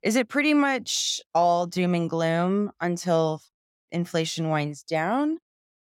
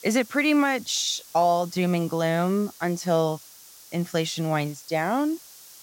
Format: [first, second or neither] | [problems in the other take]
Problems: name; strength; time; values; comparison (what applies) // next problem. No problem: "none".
first | hiss; faint; throughout; 20 dB below the speech